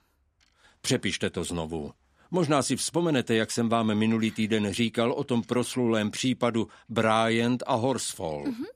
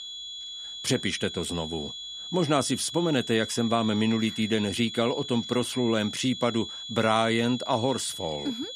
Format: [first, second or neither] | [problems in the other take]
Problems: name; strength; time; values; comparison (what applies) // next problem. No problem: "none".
first | high-pitched whine; loud; throughout; 3.5 kHz, 9 dB below the speech